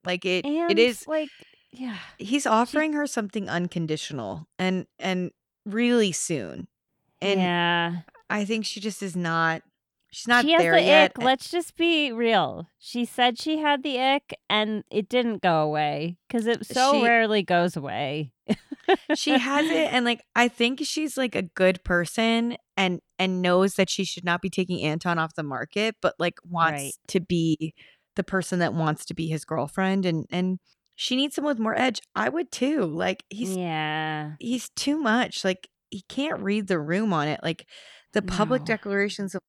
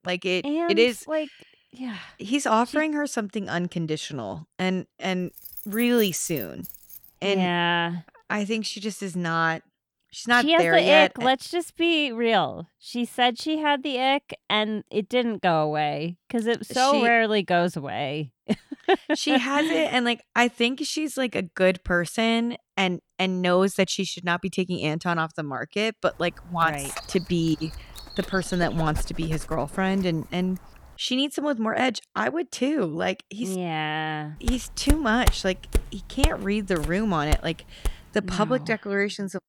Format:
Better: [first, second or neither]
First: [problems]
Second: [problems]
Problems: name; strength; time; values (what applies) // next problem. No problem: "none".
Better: first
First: none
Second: jangling keys; noticeable; from 5.5 to 7 s; peak 10 dB below the speech // dog barking; faint; from 27 to 30 s; peak 10 dB below the speech // footsteps; noticeable; from 34 to 38 s; peak 2 dB below the speech